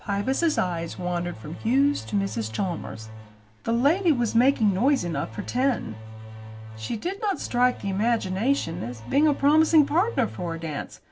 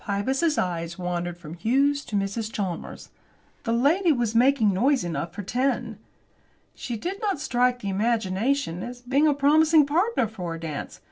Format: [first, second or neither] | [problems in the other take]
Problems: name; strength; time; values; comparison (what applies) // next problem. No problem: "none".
second | background sound (Engine / Domestic sounds, home sounds); 14 dB below the speech